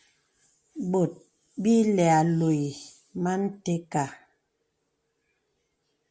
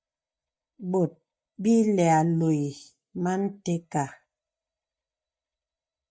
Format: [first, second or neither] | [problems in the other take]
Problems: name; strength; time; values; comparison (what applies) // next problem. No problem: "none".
first | noise reduction (neural mask model DeepFilterNet 3)